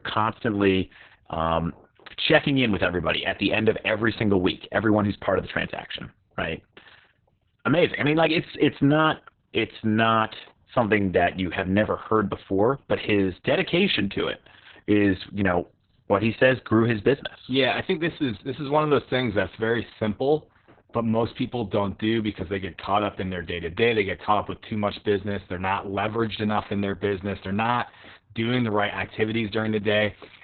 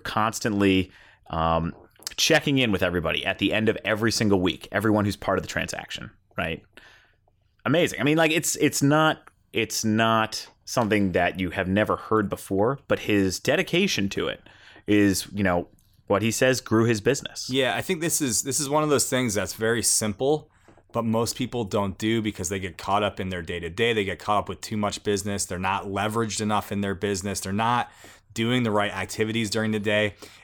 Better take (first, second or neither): second